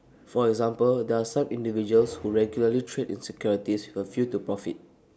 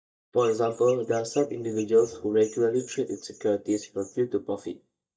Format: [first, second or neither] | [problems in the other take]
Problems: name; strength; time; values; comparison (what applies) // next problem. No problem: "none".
first | noise reduction (neural mask model DeepFilterNet 3)